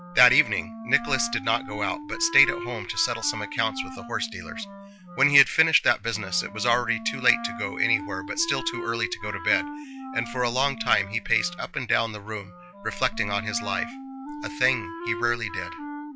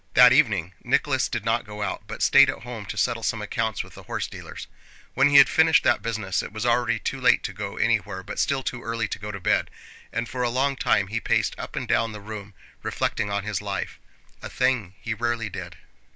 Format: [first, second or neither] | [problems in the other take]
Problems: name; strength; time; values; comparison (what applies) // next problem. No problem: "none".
second | noise reduction (classical method log-MMSE)